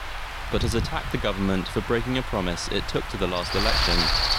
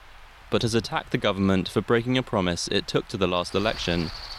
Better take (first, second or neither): second